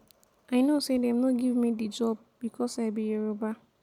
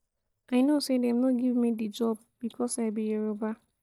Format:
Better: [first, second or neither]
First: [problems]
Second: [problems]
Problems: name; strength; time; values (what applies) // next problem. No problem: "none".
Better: first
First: none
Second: noise reduction (neural mask model DeepFilterNet 3)